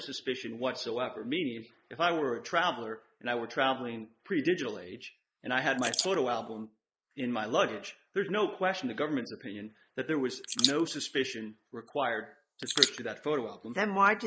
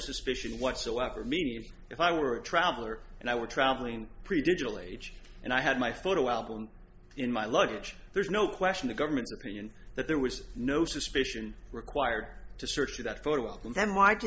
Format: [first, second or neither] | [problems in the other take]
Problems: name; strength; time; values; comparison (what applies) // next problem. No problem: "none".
second | noise reduction (neural mask model Resemble Enhance denoiser)